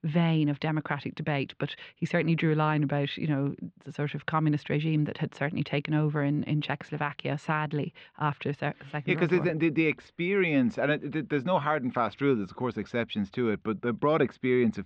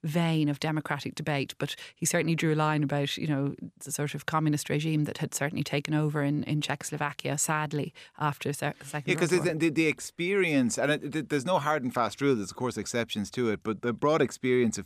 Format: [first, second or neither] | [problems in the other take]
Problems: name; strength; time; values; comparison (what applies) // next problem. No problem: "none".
second | muffled; very; fading above 3.5 kHz